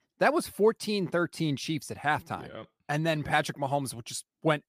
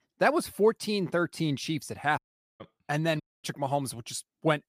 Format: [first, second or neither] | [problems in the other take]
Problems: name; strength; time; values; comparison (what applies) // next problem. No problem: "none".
first | audio cutting out; at 2 s and at 3 s